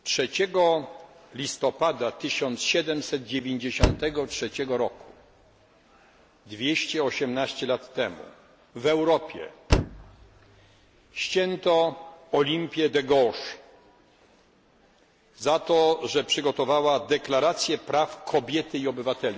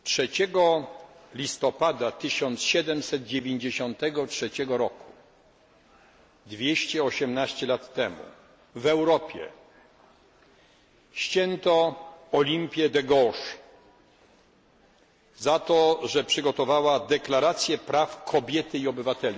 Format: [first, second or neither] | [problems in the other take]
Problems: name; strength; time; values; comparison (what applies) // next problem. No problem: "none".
second | background sound (Slam); 4 dB below the speech